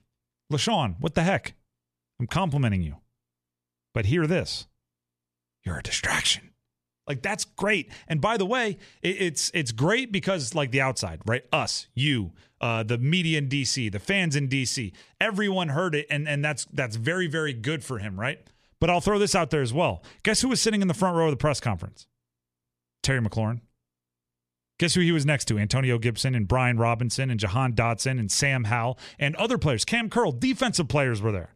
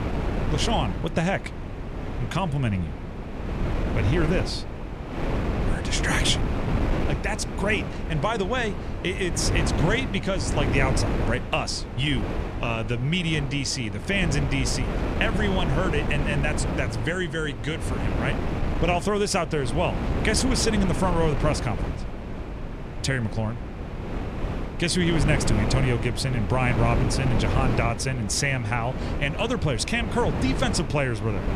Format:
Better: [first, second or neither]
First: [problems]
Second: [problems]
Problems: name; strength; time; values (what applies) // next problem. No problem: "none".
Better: first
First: none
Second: wind noise on the microphone; heavy; 6 dB below the speech